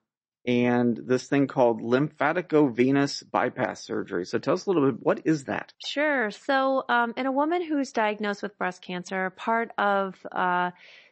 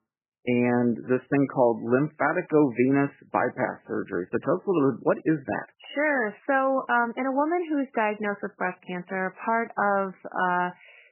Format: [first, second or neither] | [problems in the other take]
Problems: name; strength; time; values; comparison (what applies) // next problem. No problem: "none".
first | garbled, watery; badly; nothing above 3 kHz; slightly in the first